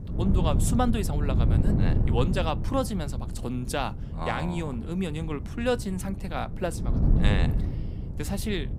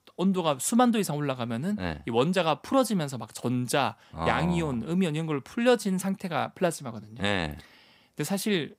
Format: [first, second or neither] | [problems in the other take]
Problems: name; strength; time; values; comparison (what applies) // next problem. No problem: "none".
second | wind noise on the microphone; heavy; 8 dB below the speech